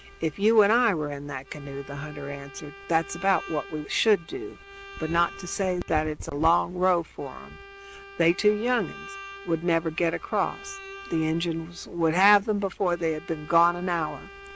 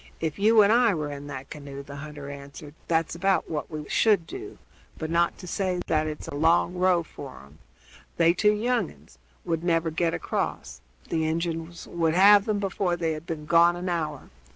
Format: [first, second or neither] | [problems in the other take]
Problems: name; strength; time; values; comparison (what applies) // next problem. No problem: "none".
second | background sound (Bowed string instrument); 19 dB below the speech